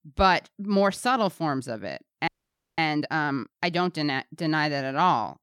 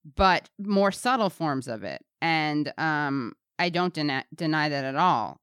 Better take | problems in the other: second | audio freezing; at 2.5 s for 0.5 s

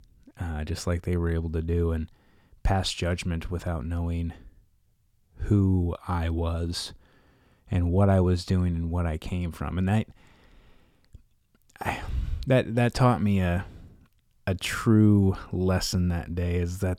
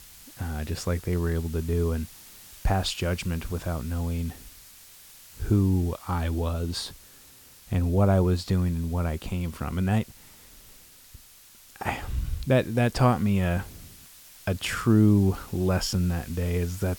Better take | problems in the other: first | hiss; faint; throughout; 20 dB below the speech

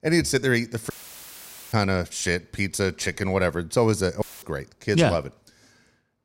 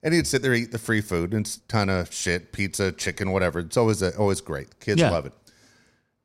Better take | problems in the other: second | audio cutting out; filled with static; at 1 s for 1 s and at 4 s

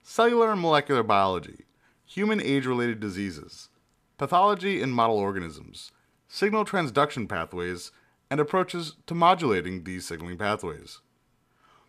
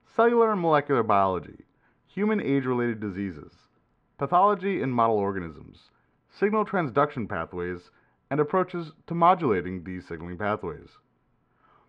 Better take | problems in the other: first | muffled; very; fading above 1.5 kHz

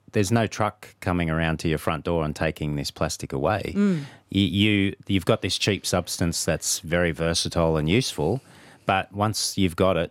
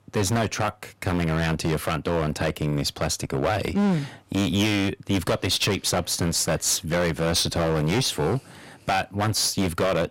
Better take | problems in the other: first | distortion; heavy; 15% of the sound clipped

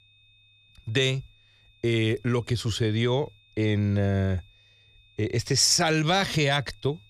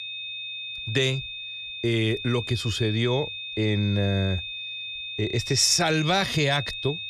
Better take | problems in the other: first | high-pitched whine; loud; throughout; 3.5 kHz, 8 dB below the speech; faint in the first

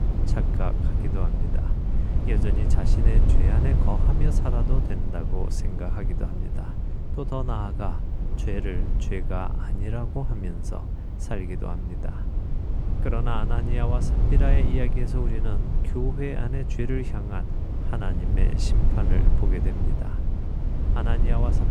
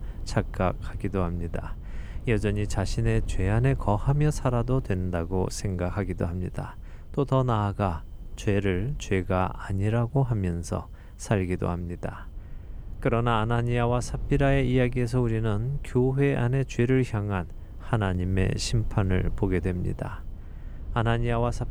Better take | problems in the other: second | low rumble; loud; throughout; 4 dB below the speech; faint in the second

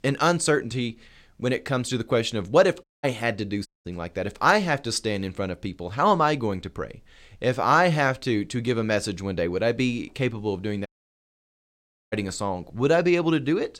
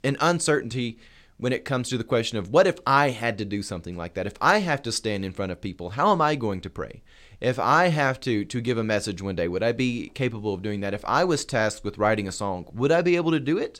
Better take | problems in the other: second | audio cutting out; at 3 s, at 3.5 s and at 11 s for 1.5 s

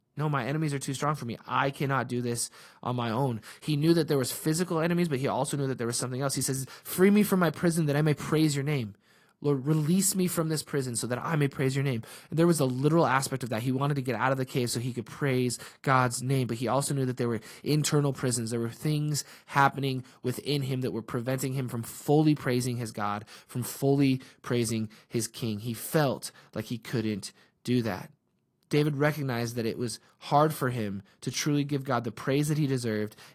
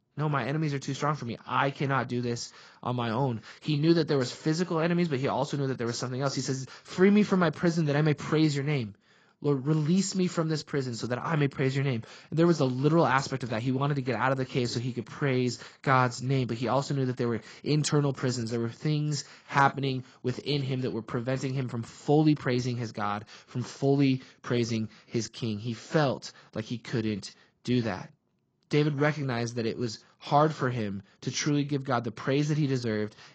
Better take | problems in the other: first | garbled, watery; badly; nothing above 7.5 kHz; slightly in the first

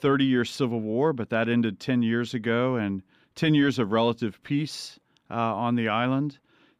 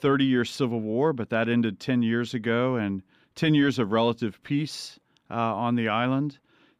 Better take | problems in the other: neither | none

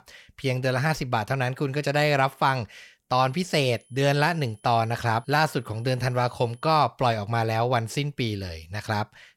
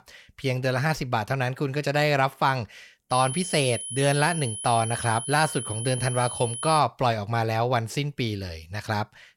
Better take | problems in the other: first | high-pitched whine; loud; from 3 to 7 s; 10.5 kHz, 7 dB below the speech; faint in the first

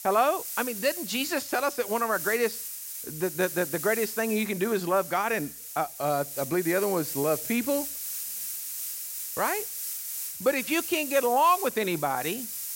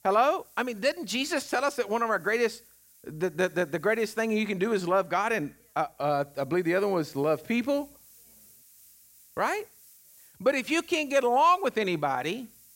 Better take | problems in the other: second | hiss; loud; throughout; 6 dB below the speech; faint in the second

